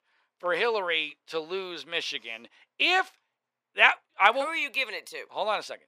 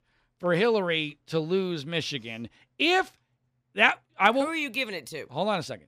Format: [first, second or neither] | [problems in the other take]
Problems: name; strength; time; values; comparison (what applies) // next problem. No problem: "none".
second | thin; very; fading below 550 Hz